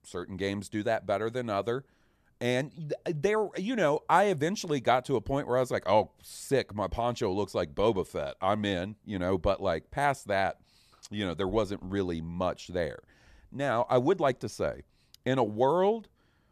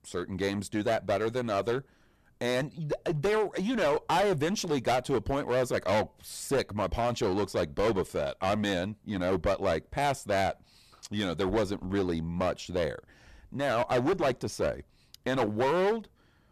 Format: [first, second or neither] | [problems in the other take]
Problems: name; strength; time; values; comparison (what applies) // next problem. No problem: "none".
first | distortion; heavy; 14% of the sound clipped